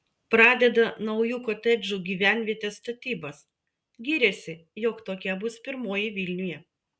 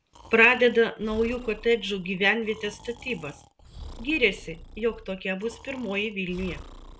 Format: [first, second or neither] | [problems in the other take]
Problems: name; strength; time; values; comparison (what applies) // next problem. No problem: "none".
first | background sound (Breathing); 18 dB below the speech